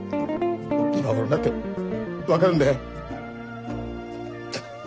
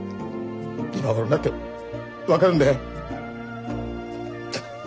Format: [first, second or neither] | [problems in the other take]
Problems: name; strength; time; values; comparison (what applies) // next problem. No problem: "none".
second | background sound (Guitar); 2 dB below the speech